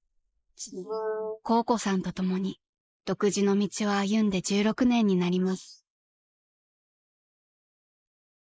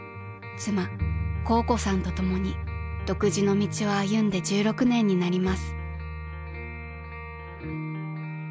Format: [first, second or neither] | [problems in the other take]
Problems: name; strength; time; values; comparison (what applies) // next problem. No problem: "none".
second | noise reduction (neural mask model Resemble Enhance denoiser)